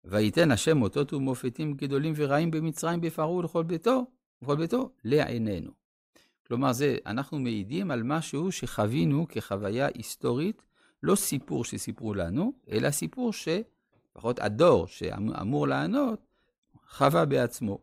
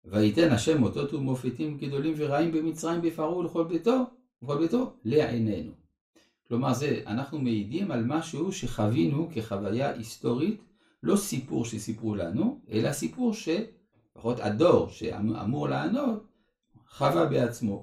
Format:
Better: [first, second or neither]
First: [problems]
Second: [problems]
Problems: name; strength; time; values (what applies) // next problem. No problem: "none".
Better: first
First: none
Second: room echo; very slight; dies away in 0.3 s // off-mic speech; far